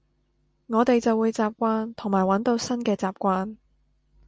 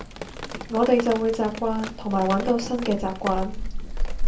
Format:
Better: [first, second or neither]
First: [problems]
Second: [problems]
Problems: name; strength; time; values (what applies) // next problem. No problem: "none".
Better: first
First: none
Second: background sound (Drip); 3 dB below the speech // room echo; dies away in 0.3 s